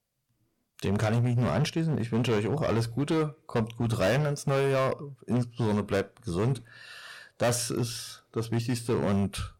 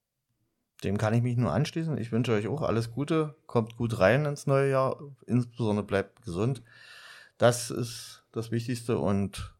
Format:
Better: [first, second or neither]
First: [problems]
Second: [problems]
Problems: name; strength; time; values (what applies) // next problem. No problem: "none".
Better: second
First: distortion; heavy; 12% of the sound clipped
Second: none